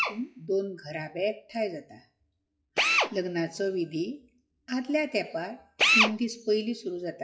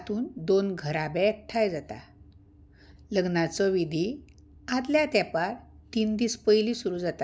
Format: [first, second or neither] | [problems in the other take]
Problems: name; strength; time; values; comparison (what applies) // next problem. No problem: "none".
second | noise reduction (classical method WPE with log-MMSE)